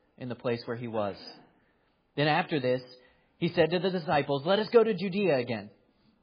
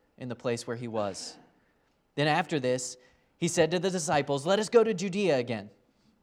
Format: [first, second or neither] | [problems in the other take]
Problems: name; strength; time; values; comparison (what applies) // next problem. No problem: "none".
second | garbled, watery; badly; nothing above 5 kHz